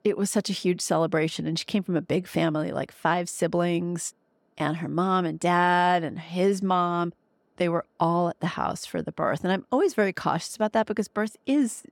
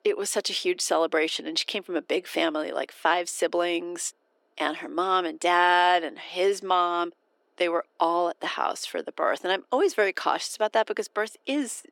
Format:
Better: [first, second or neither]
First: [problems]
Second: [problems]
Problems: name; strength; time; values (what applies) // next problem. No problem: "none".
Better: first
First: none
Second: thin; somewhat; fading below 300 Hz